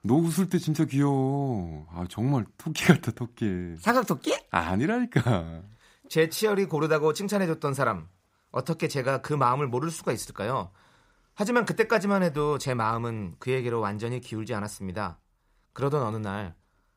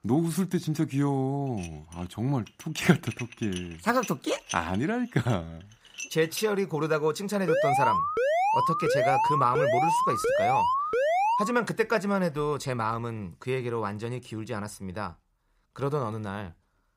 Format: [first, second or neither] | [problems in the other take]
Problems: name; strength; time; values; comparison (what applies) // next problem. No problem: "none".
first | clattering dishes; noticeable; from 1.5 to 6.5 s; peak 8 dB below the speech // alarm; loud; from 7.5 to 12 s; peak 5 dB above the speech